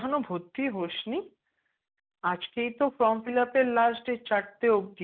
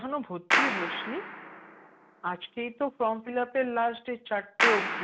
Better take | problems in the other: first | background sound (Clapping); as loud as the speech

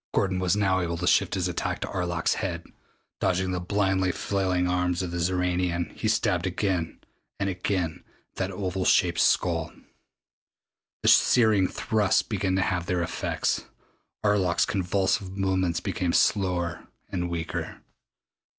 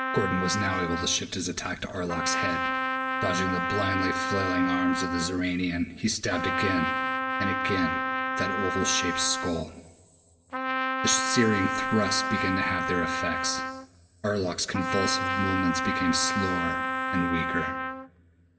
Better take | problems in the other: first | background sound (Trumpet); as loud as the speech // room echo; dies away in 1.8 s

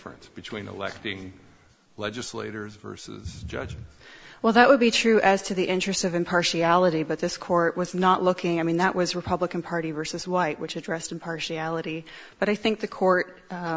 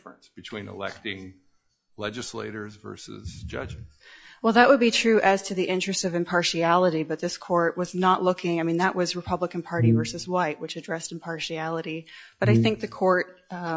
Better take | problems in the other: first | noise reduction (classical method log-MMSE)

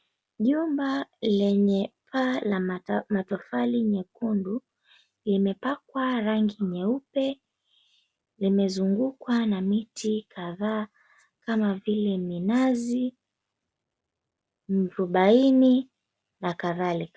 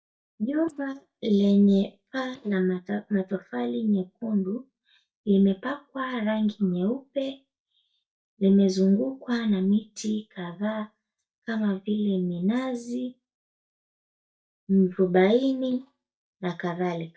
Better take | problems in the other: first | noise reduction (neural mask model DeepFilterNet 3)

